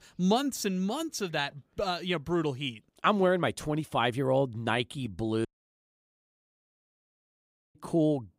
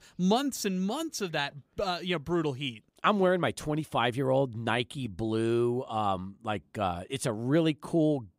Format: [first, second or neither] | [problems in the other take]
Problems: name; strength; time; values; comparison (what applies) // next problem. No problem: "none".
second | audio cutting out; at 5.5 s for 2.5 s